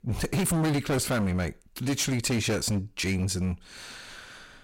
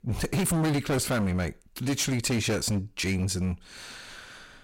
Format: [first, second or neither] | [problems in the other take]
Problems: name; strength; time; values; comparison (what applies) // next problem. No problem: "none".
neither | distortion; heavy; 17% of the sound clipped; the same in both